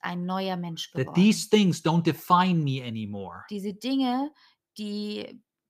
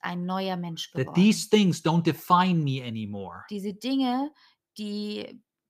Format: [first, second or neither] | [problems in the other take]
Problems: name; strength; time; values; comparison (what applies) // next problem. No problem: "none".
neither | none